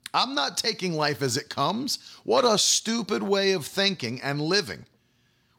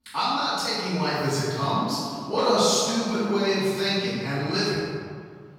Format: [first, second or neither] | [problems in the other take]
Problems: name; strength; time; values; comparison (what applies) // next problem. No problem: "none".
first | off-mic speech; far // room echo; strong; dies away in 1.9 s